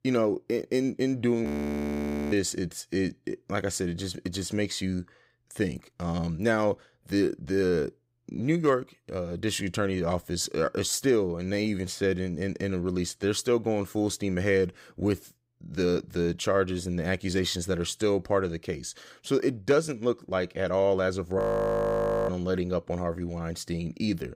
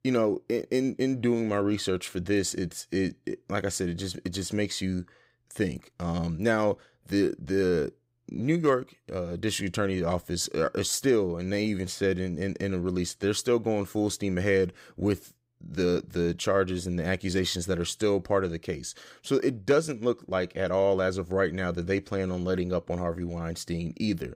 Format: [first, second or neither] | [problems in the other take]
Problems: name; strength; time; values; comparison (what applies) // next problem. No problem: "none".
second | audio freezing; at 1.5 s for 1 s and at 21 s for 1 s